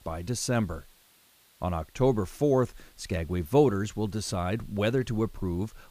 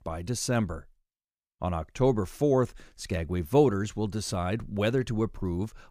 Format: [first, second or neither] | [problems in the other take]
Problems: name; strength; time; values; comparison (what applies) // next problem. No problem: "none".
second | hiss; faint; throughout; 30 dB below the speech